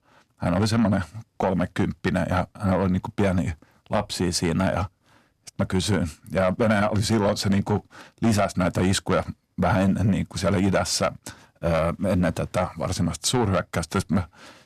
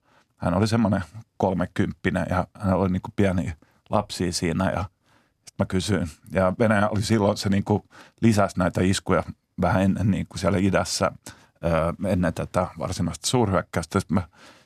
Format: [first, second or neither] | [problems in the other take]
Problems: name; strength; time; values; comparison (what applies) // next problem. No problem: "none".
second | distortion; slight; 10 dB below the speech